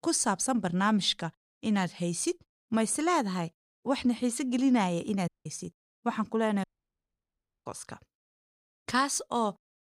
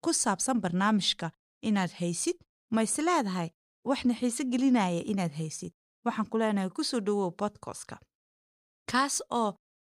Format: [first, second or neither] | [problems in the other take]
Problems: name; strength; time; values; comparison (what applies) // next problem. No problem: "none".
second | audio cutting out; at 5.5 s and at 6.5 s for 1 s